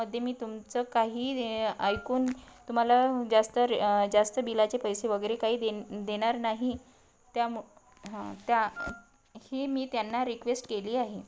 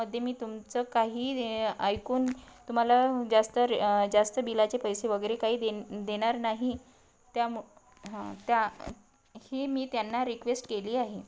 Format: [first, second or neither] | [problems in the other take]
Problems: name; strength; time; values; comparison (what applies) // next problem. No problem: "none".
second | background sound (Wind instrument, woodwind instrument); 14 dB below the speech